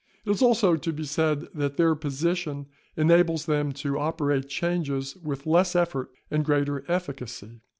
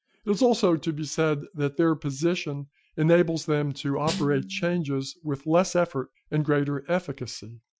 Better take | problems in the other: first | noise reduction (classical method Wiener filter)

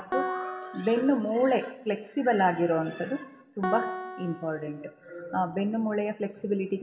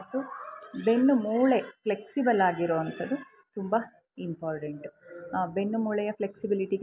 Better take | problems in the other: second | background sound (Piano); 10 dB below the speech // room echo; dies away in 0.9 s

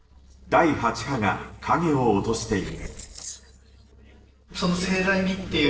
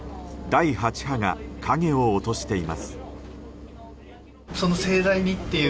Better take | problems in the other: second | noise reduction (neural separator model SepFormer DNS4)

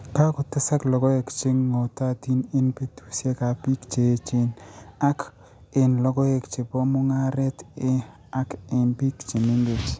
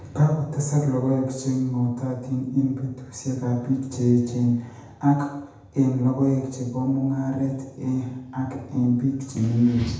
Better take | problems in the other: first | room echo; dies away in 0.8 s

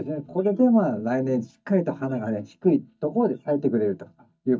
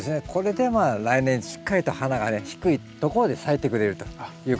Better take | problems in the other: second | noise reduction (neural mask model DeepFilterNet 3)

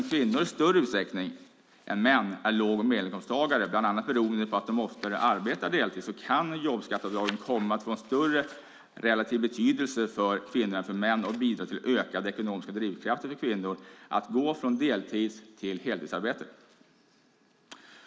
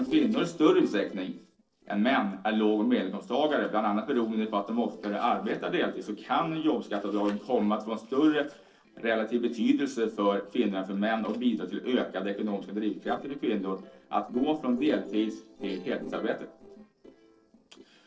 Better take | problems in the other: first | noise reduction (neural separator model SepFormer DNS4)

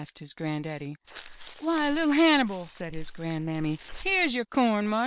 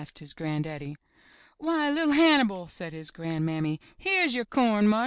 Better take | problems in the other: second | noise reduction (neural separator model SepFormer WHAM!)

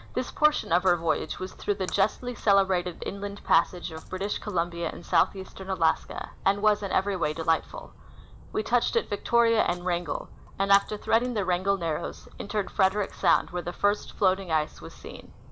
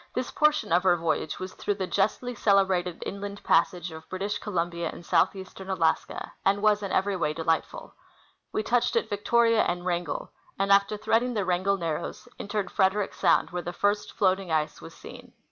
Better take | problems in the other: second | background sound (Splash, splatter); 17 dB below the speech

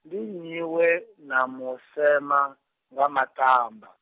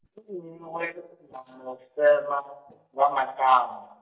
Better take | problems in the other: first | noise reduction (neural mask model DeepFilterNet 3)

